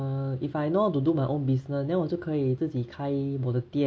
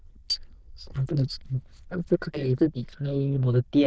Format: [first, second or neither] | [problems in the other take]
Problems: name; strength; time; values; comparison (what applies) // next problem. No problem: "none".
first | noise reduction (neural diffusion model UNIVERSE++)